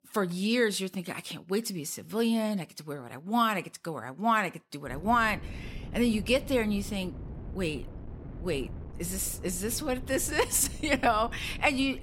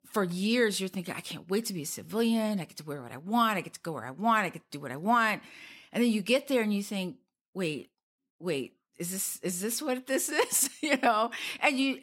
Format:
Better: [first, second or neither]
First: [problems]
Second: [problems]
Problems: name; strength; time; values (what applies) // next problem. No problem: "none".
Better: second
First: wind noise on the microphone; occasional gusts; from 5 s on; 20 dB below the speech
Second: none